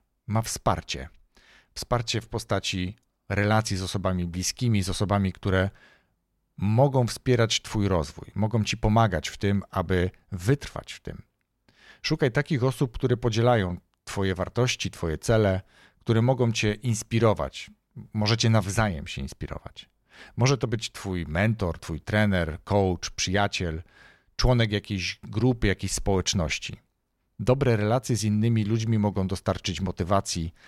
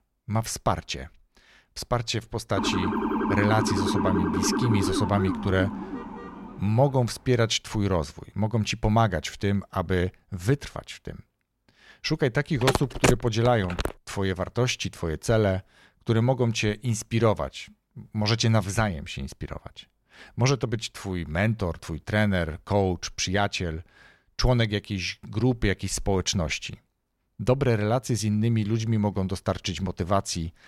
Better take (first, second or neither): first